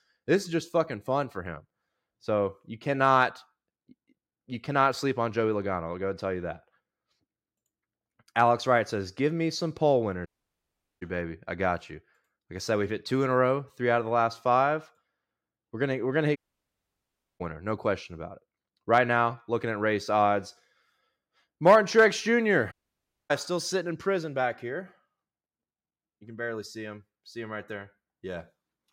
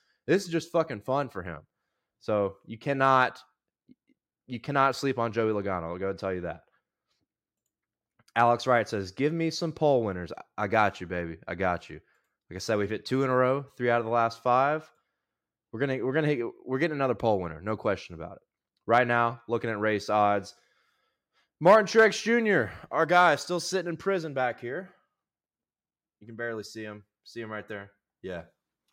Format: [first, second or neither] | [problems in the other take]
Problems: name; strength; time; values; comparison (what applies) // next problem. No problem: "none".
second | audio cutting out; at 10 s for 1 s, at 16 s for 1 s and at 23 s for 0.5 s